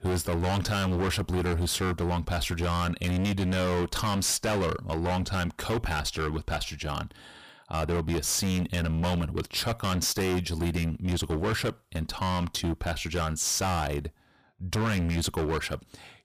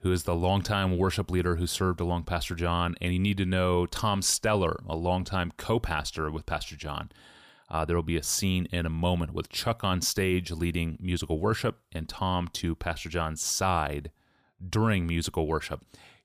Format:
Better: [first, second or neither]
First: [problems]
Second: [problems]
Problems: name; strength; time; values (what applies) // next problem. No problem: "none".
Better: second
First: distortion; heavy; 23% of the sound clipped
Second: none